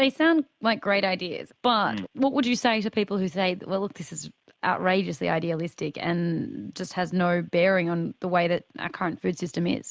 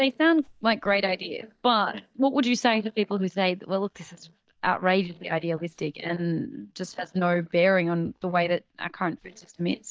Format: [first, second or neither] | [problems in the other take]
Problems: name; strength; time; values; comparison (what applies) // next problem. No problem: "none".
first | noise reduction (neural mask model DeepFilterNet 3)